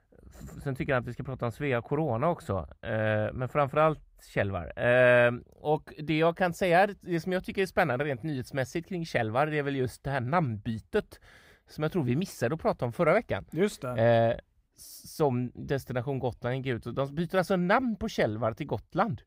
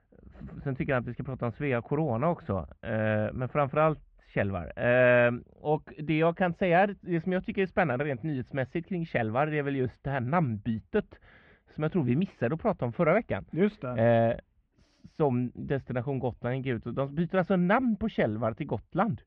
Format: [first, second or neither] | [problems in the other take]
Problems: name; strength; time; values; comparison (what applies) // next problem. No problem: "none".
first | muffled; very; fading above 3 kHz